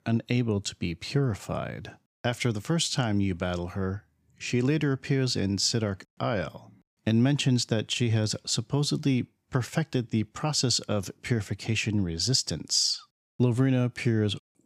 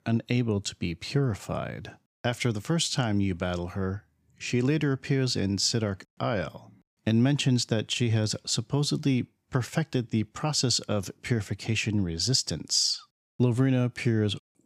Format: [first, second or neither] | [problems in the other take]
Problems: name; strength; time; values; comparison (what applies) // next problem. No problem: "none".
neither | none